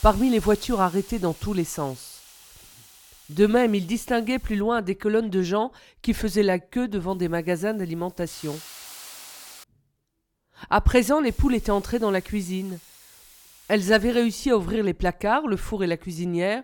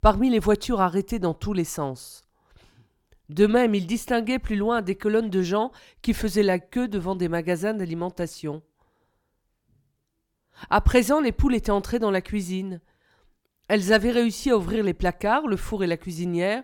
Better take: second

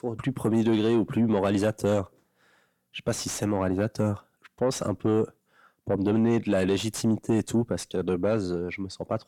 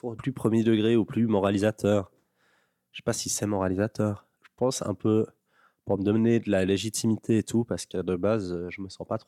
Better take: second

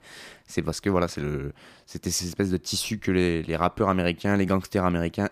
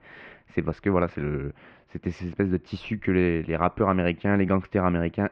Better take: first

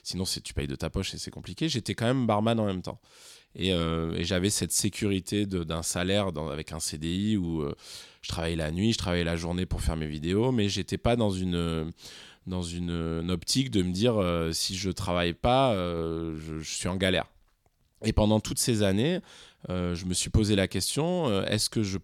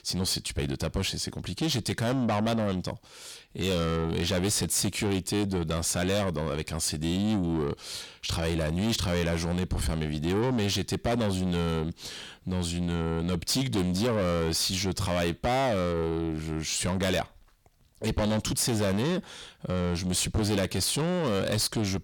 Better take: first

